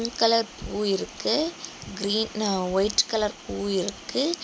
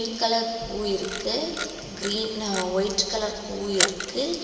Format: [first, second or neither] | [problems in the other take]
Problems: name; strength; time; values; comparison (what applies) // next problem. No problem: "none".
first | background sound (Camera); 6 dB below the speech // room echo; dies away in 2.7 s